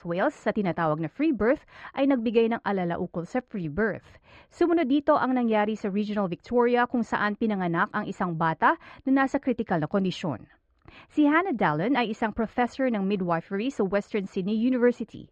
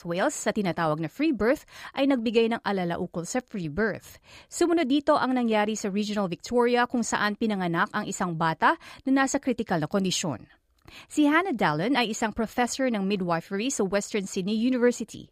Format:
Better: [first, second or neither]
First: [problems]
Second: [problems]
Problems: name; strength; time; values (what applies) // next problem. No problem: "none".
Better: second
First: muffled; very; fading above 2 kHz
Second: none